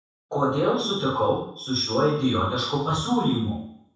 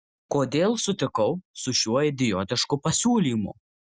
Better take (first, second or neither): second